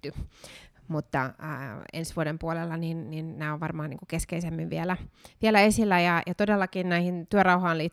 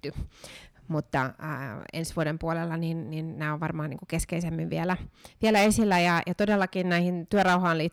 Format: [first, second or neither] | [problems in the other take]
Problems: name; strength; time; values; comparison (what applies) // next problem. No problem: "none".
first | distortion; slight; 2% of the sound clipped